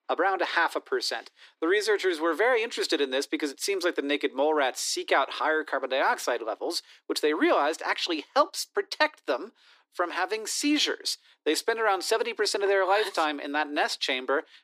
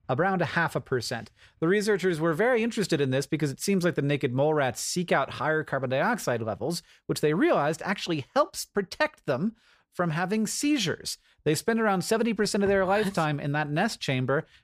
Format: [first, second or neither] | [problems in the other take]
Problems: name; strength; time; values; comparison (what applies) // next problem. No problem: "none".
second | thin; somewhat; fading below 300 Hz